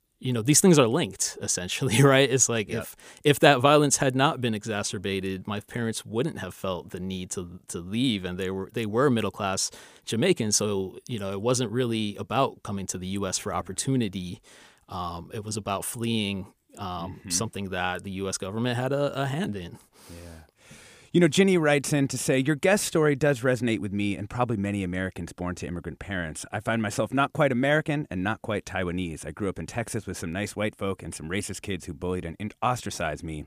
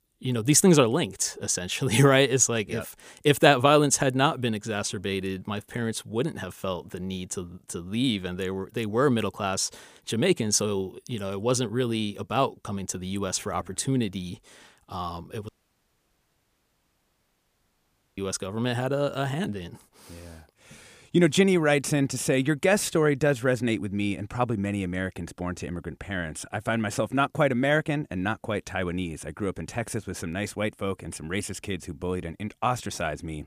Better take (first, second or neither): first